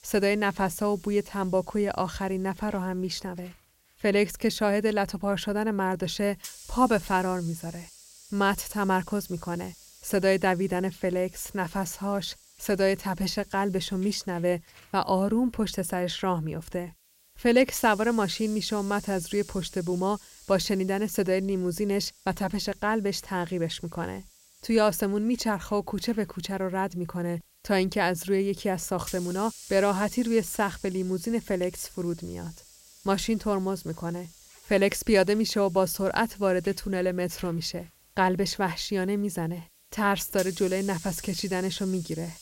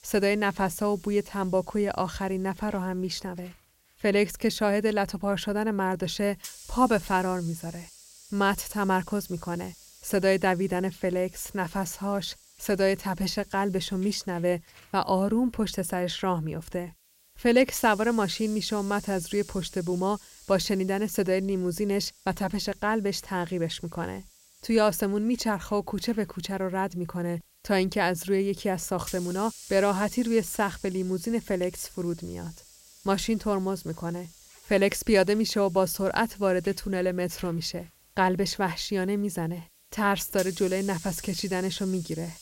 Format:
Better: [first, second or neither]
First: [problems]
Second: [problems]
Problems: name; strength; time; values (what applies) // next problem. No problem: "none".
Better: neither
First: hiss; noticeable; throughout; 20 dB below the speech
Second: hiss; noticeable; throughout; 20 dB below the speech